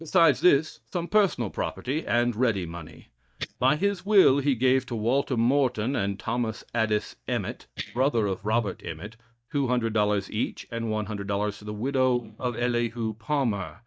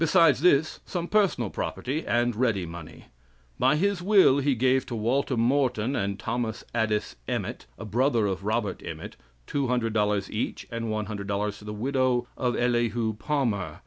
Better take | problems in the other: second | noise reduction (neural mask model DeepFilterNet 3)

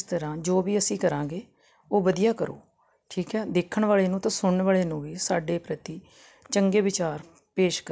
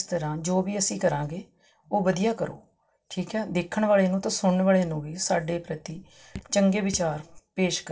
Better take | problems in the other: first | noise reduction (neural separator model SepFormer DNS4)

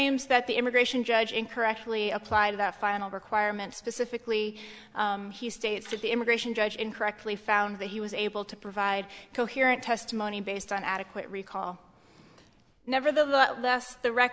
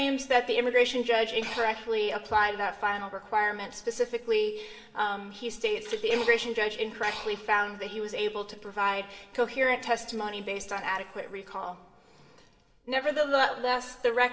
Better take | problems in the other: first | background sound (Breathing); 10 dB below the speech // room echo; dies away in 2.4 s

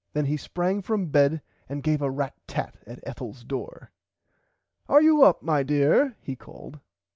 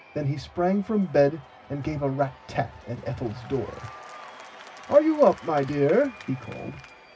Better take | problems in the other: first | background sound (Applause / Crowd / Cheering); 19 dB below the speech // room echo; dies away in 0.4 s

